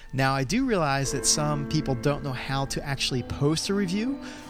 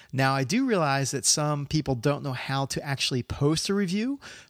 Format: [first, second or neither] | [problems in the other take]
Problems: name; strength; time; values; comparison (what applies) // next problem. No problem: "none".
second | background music; noticeable; throughout; 15 dB below the speech